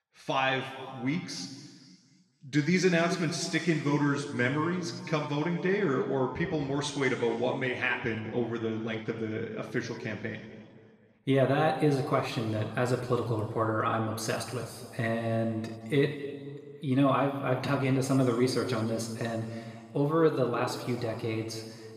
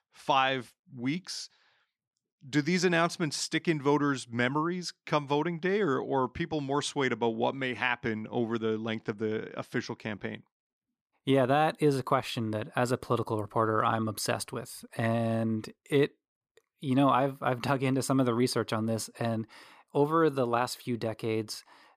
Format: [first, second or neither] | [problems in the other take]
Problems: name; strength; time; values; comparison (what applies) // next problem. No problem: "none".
second | room echo; noticeable; dies away in 1.8 s // off-mic speech; somewhat distant